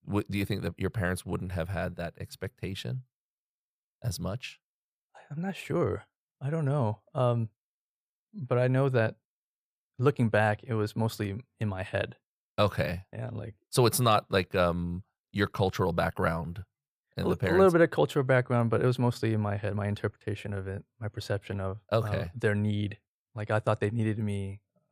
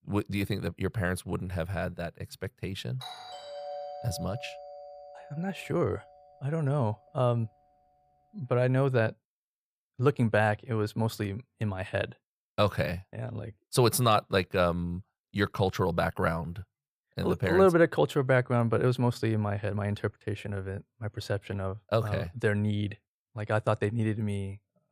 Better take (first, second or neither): first